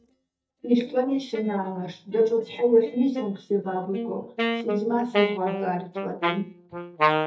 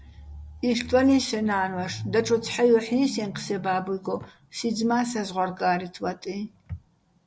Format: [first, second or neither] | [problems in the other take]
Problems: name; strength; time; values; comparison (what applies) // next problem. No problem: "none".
second | noise reduction (neural mask model DeepFilterNet 3)